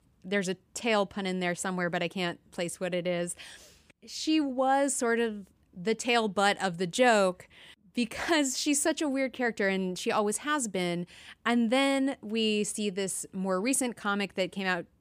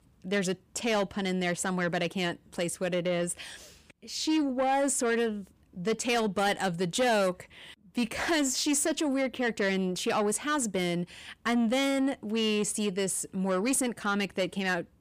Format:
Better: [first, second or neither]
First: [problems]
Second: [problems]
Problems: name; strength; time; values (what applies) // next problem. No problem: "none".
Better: first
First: none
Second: distortion; slight; 10 dB below the speech